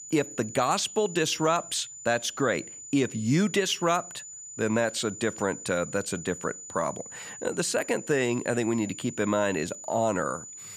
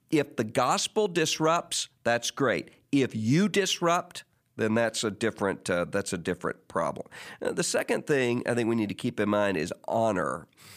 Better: second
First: high-pitched whine; noticeable; throughout; 7 kHz, 10 dB below the speech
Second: none

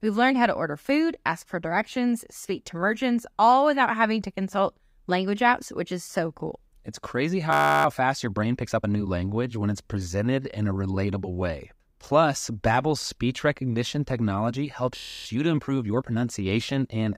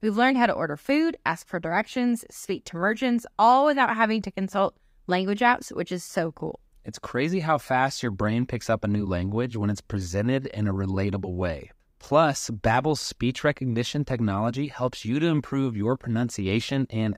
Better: second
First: audio freezing; at 7.5 s and at 15 s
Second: none

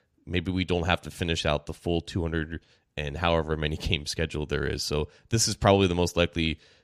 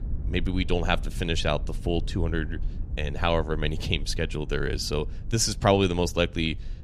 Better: first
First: none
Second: low rumble; faint; throughout; 25 dB below the speech

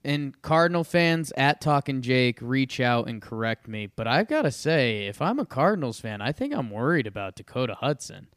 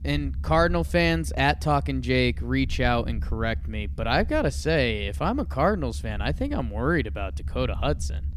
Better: first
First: none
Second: low rumble; faint; throughout; 25 dB below the speech

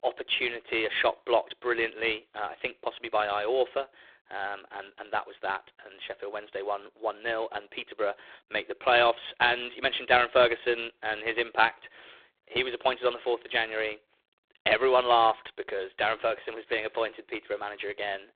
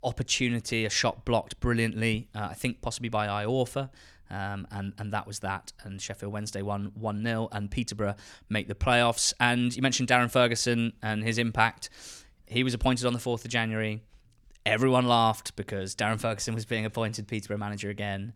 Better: second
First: phone-call audio; poor line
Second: none

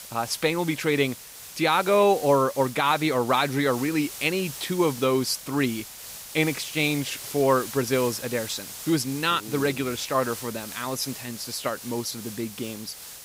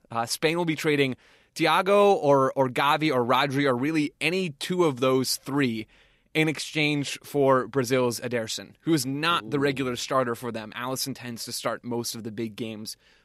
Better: second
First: hiss; noticeable; throughout; 10 dB below the speech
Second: none

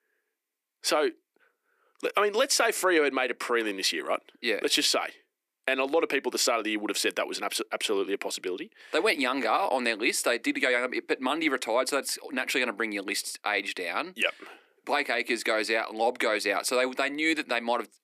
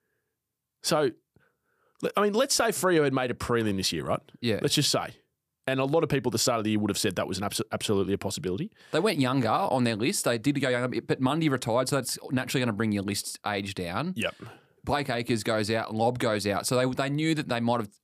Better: second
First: thin; somewhat; fading below 300 Hz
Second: none

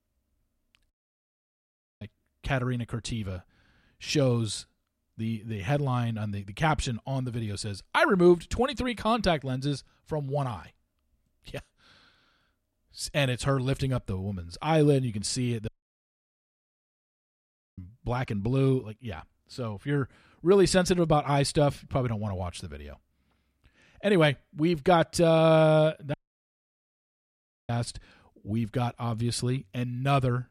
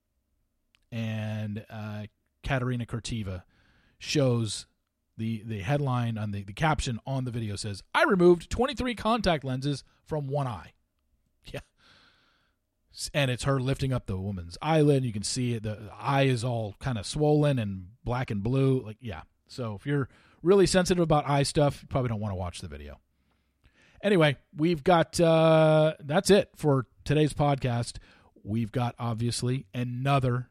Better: second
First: audio cutting out; at 1 s for 1 s, at 16 s for 2 s and at 26 s for 1.5 s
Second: none

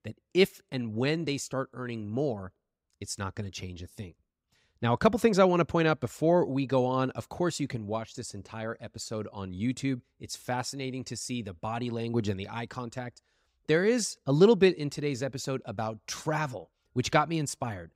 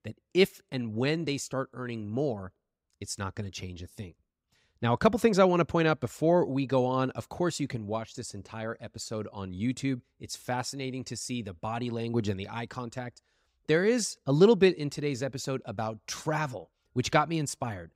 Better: neither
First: none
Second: none

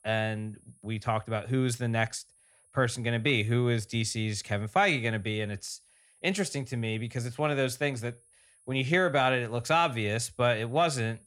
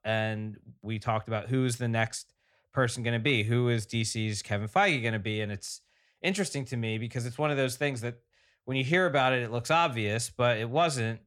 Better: second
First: high-pitched whine; faint; throughout; 10.5 kHz, 30 dB below the speech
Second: none

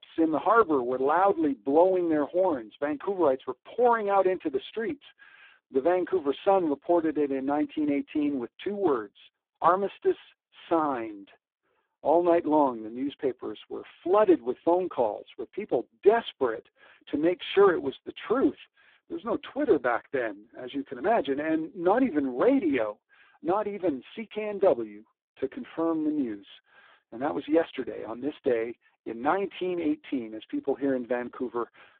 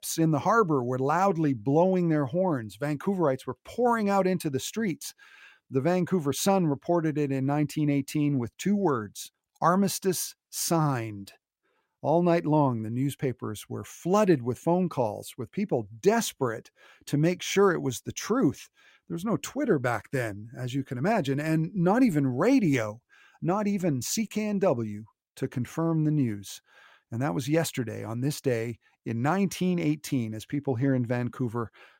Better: second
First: phone-call audio; poor line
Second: none

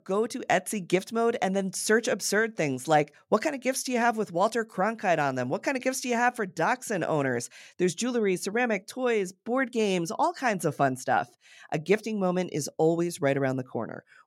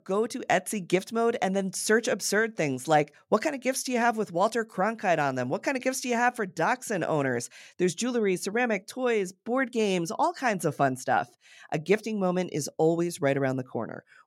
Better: neither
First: none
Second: none

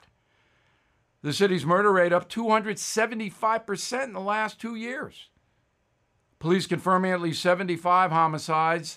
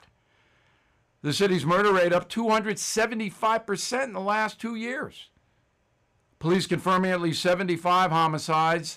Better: first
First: none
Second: distortion; slight; 5% of the sound clipped

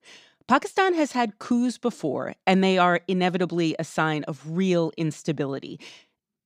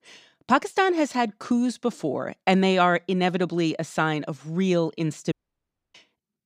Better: first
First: none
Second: audio cutting out; at 5.5 s for 0.5 s

